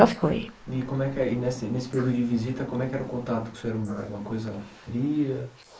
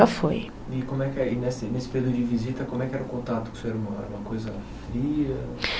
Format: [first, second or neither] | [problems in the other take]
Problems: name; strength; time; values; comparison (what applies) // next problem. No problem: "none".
second | noise reduction (neural mask model Resemble Enhance denoiser)